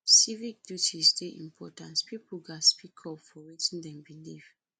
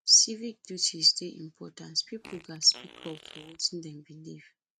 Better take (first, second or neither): first